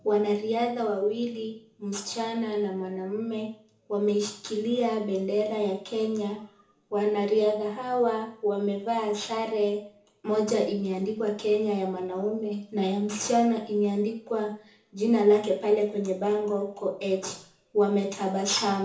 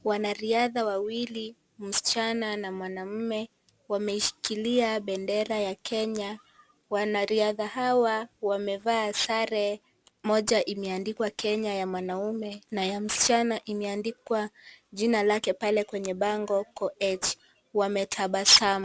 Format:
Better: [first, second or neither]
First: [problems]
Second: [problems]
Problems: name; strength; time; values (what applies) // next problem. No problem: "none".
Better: second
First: room echo; dies away in 0.7 s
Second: none